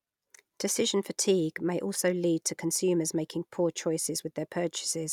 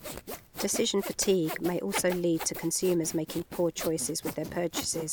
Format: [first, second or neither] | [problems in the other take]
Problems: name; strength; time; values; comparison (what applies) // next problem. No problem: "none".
first | background sound (Sawing); 10 dB below the speech